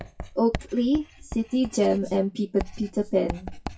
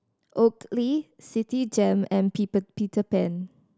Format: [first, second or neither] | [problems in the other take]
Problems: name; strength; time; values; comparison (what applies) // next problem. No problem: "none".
second | noise reduction (classical method WPE with log-MMSE)